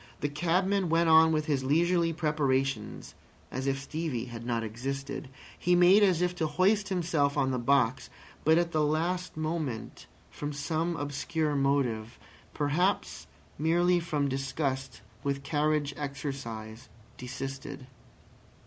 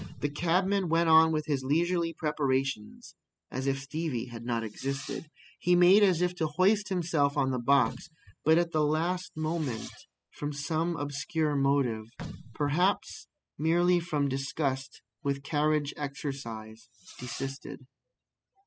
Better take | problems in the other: first | noise reduction (classical method spectral subtraction)

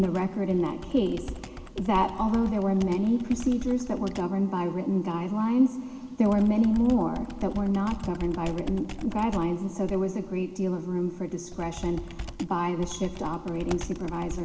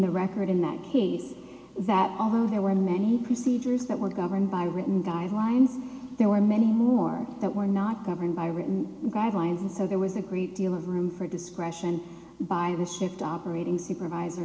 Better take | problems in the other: second | background sound (Computer keyboard); 13 dB below the speech

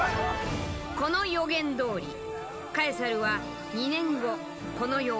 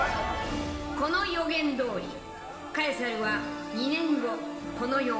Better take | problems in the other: first | room echo; dies away in 0.9 s

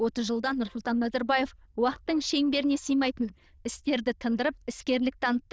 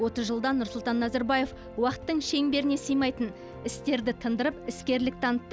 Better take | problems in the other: second | noise reduction (neural diffusion model UNIVERSE++)

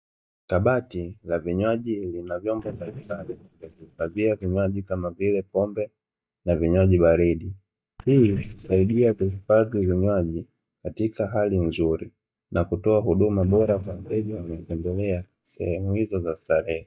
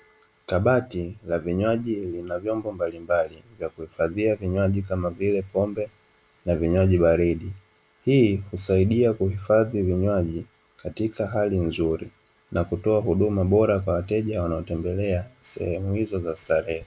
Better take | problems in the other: second | noise reduction (neural mask model DeepFilterNet 3)

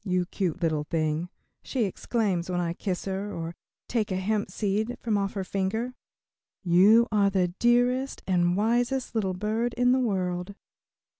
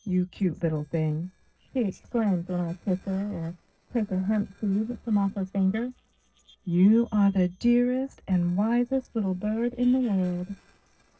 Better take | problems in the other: first | noise reduction (neural separator model SepFormer DNS4)

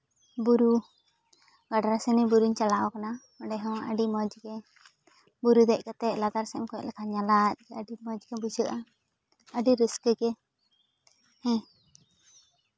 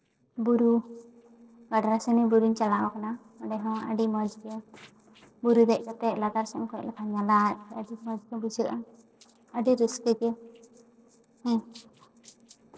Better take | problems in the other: first | noise reduction (neural separator model SepFormer DNS4)

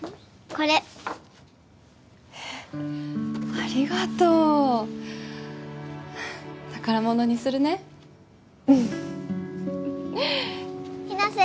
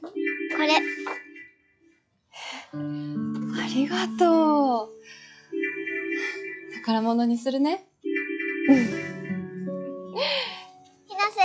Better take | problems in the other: first | noise reduction (classical method log-MMSE)

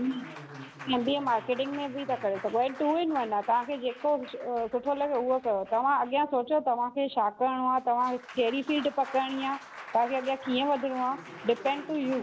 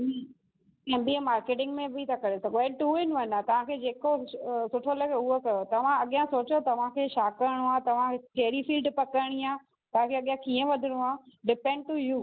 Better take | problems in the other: second | background sound (Applause); 17 dB below the speech

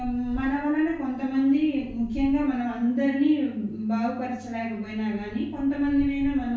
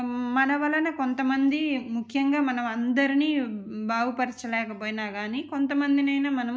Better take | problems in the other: second | background sound (Wind); 16 dB below the speech // room echo; dies away in 0.6 s

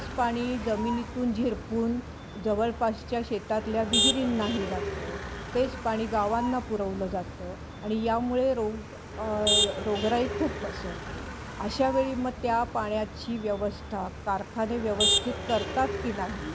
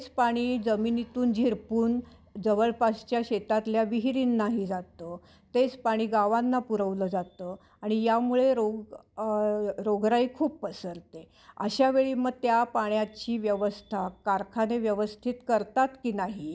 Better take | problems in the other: second | background sound (Motor vehicle (road)); 4 dB below the speech

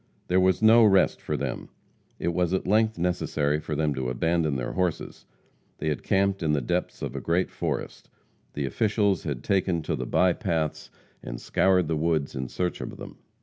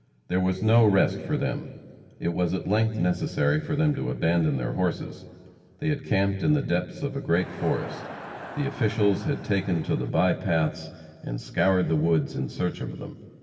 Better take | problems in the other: first | background sound (Crowd); 14 dB below the speech // room echo; dies away in 1.9 s

